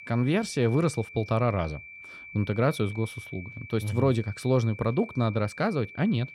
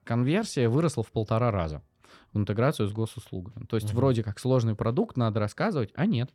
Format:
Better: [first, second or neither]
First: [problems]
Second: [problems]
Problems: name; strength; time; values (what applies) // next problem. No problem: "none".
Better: second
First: high-pitched whine; noticeable; throughout; 2.5 kHz, 15 dB below the speech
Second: none